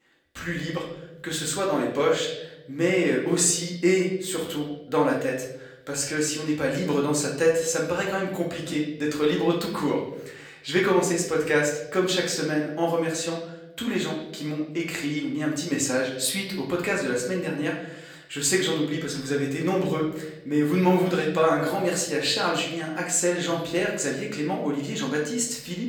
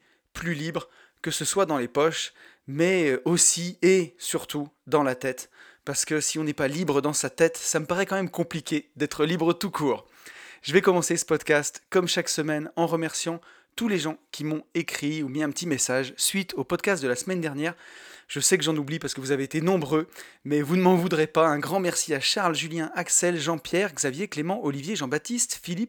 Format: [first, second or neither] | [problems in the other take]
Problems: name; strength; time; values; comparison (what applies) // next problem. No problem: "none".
second | room echo; slight; dies away in 0.8 s // off-mic speech; far